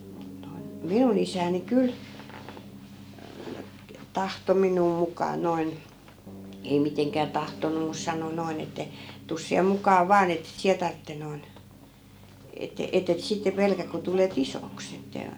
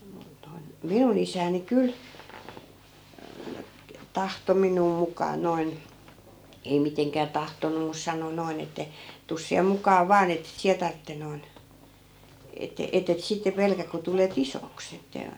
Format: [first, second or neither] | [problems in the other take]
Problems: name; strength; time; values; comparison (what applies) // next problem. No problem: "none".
second | background sound (Piano); 16 dB below the speech